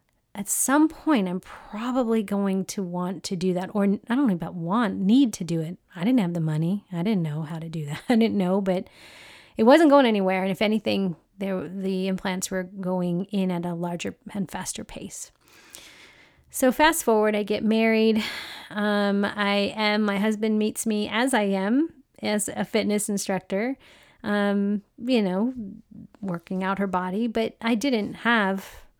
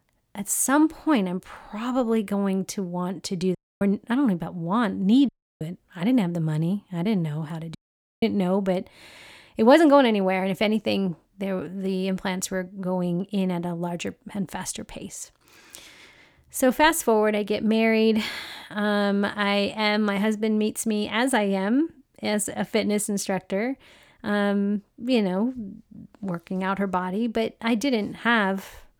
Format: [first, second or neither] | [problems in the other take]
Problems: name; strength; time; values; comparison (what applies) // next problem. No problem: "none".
first | audio cutting out; at 3.5 s, at 5.5 s and at 8 s